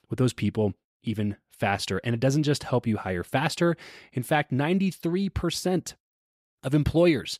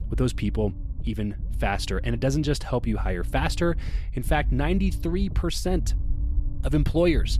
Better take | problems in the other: first | low rumble; faint; throughout; 20 dB below the speech

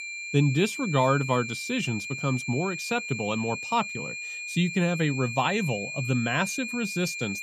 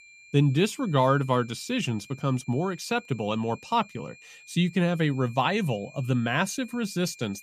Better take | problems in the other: second | high-pitched whine; loud; throughout; 2.5 kHz, 6 dB below the speech; faint in the second

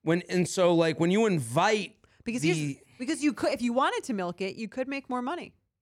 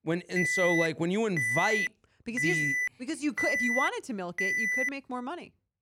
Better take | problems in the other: first | alarm; loud; until 5 s; peak 6 dB above the speech

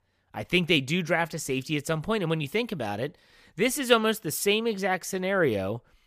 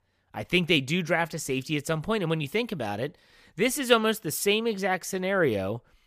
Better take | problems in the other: neither | none

